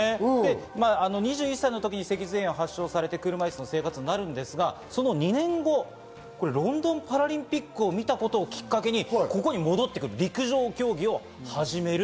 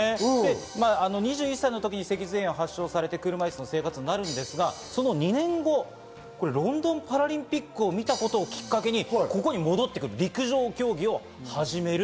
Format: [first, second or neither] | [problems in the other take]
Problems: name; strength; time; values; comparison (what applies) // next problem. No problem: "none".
first | background sound (Crash cymbal); 19 dB below the speech